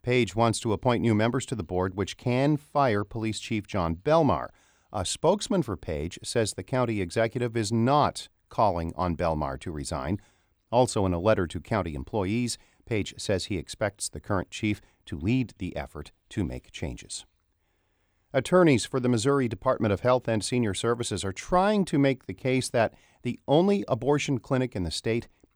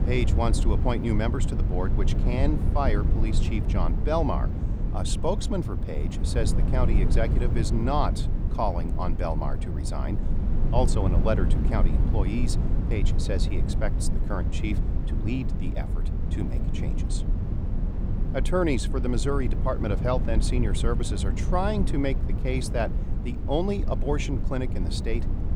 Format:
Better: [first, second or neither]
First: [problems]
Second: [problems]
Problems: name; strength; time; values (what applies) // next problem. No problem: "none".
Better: first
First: none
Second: low rumble; loud; throughout; 8 dB below the speech